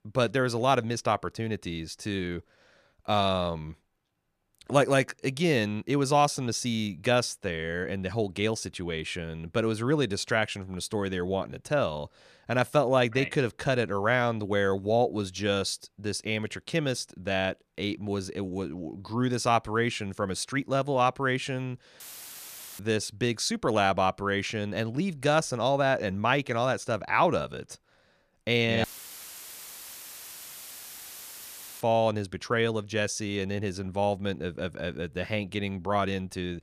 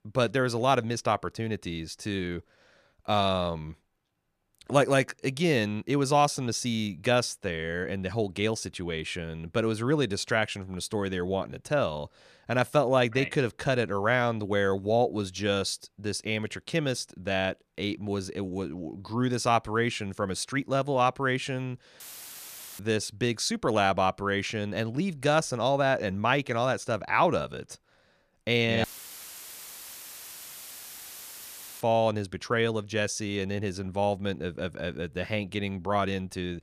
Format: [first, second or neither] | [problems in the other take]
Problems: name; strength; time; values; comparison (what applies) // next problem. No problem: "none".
neither | audio cutting out; filled with static; at 22 s for 1 s and at 29 s for 3 s; the same in both